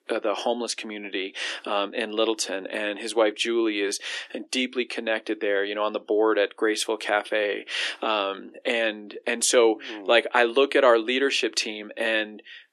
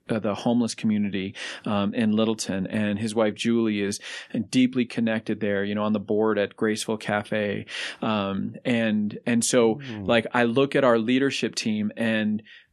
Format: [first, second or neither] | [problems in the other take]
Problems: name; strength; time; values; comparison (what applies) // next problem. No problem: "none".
second | thin; very; fading below 300 Hz